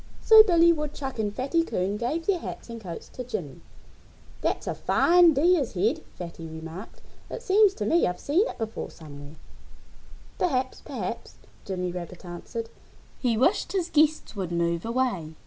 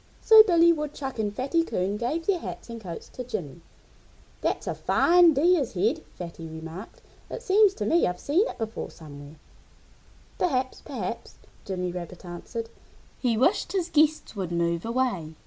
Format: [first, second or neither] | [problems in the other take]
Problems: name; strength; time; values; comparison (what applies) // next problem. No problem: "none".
second | background sound (Wind); 10 dB below the speech